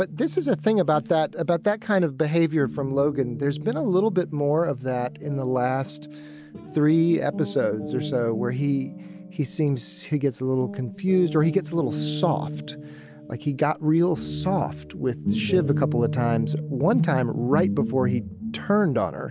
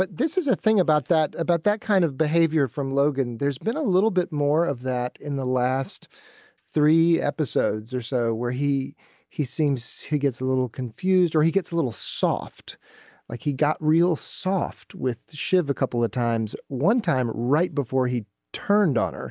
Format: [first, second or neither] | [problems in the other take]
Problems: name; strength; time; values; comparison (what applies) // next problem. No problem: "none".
second | background sound (Guitar); 8 dB below the speech